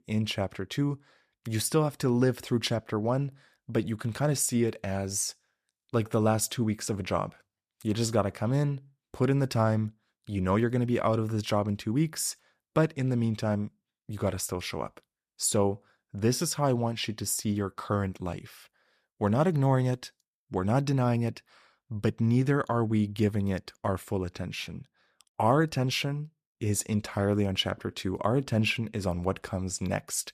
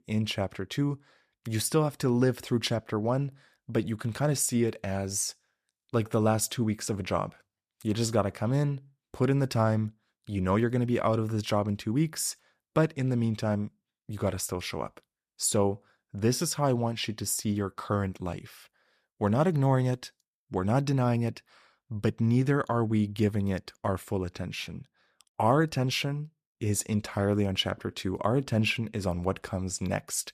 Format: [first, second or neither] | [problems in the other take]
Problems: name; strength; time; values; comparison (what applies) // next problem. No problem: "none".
neither | none